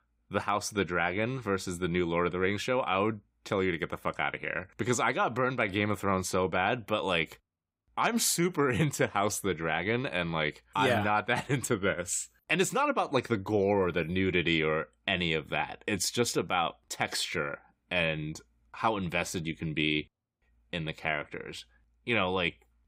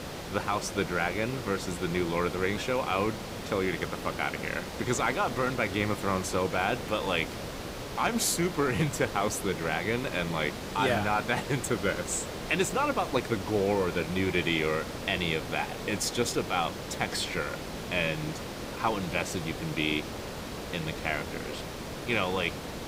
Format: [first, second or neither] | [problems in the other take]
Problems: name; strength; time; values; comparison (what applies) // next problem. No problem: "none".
first | hiss; loud; throughout; 8 dB below the speech